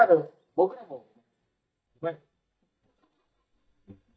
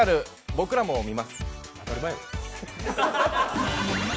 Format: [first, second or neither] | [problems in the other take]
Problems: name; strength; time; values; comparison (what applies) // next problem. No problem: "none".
second | noise reduction (neural mask model DeepFilterNet 3)